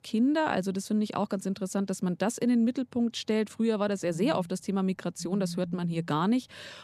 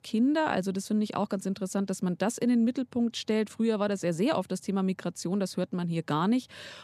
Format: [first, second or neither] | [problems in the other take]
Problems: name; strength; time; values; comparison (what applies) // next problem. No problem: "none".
second | phone ringing; noticeable; from 4 to 6 s; peak 9 dB below the speech